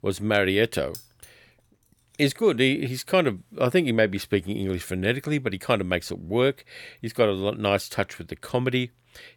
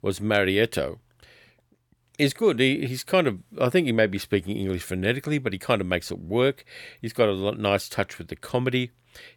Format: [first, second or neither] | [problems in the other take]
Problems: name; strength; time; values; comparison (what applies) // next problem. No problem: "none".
second | jangling keys; faint; at 1 s; peak 15 dB below the speech